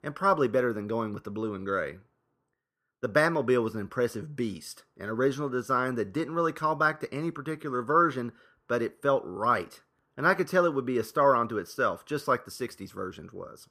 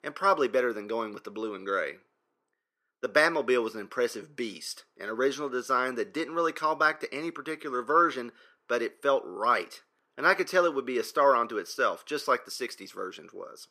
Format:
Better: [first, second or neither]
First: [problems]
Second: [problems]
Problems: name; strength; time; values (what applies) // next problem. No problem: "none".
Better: first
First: none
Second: thin; very slightly; fading below 350 Hz